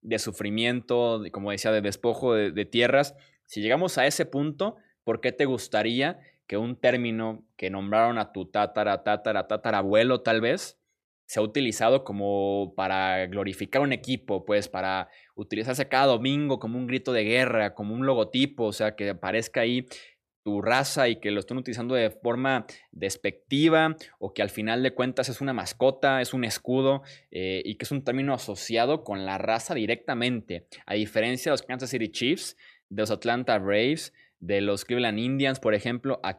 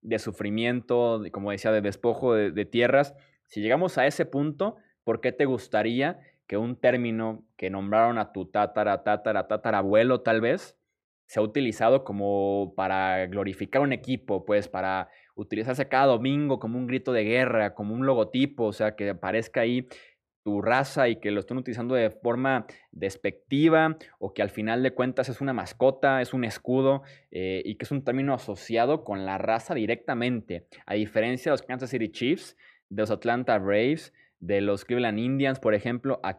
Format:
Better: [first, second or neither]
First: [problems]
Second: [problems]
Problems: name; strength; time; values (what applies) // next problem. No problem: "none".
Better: first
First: none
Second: muffled; slightly; fading above 3 kHz